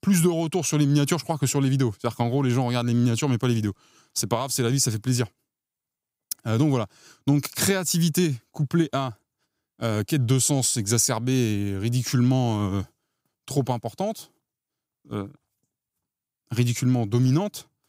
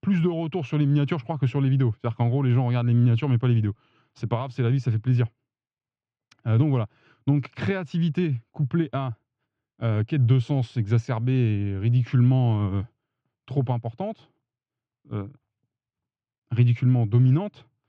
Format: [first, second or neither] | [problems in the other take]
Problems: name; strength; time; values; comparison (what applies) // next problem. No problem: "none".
first | muffled; very; fading above 3 kHz